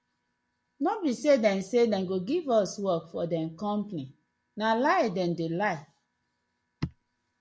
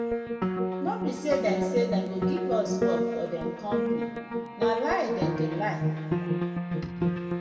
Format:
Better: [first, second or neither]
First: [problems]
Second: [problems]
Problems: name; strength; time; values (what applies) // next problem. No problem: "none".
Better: first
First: none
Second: background sound (Piano); 3 dB above the speech // room echo; dies away in 2.2 s